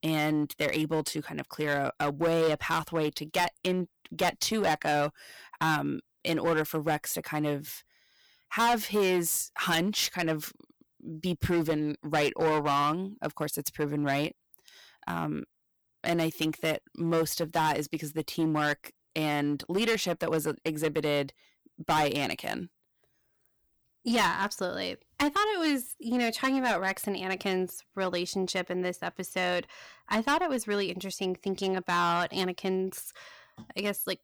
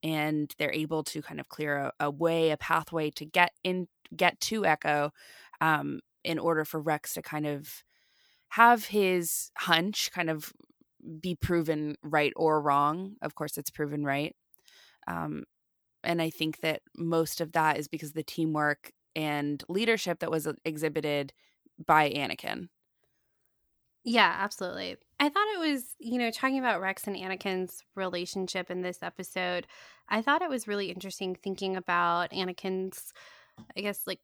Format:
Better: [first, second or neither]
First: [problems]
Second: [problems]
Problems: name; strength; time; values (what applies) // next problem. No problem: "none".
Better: second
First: distortion; heavy; 6% of the sound clipped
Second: none